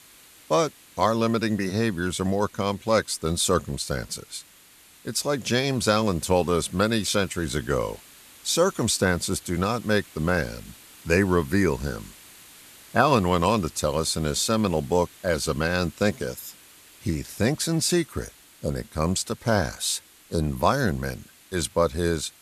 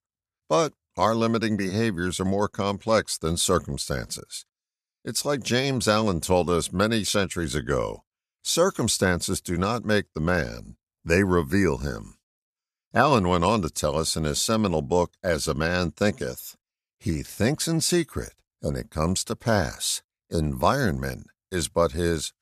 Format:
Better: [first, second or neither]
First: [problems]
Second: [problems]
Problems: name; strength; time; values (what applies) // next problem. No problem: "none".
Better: second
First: hiss; faint; throughout; 25 dB below the speech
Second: none